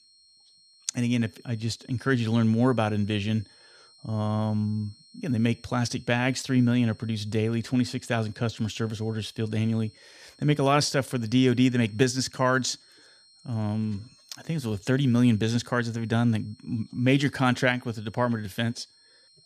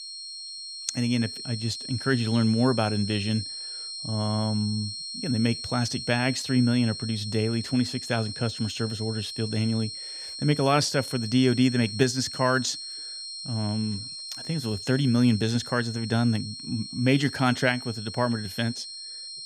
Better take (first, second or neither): first